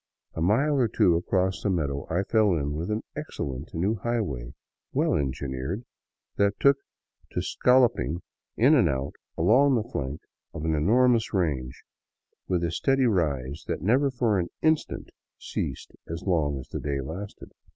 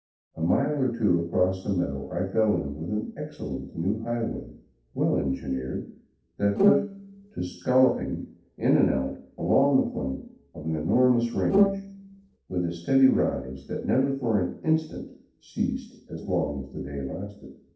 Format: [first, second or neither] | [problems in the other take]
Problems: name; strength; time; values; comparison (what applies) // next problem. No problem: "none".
first | noise reduction (neural separator model SepFormer DNS4)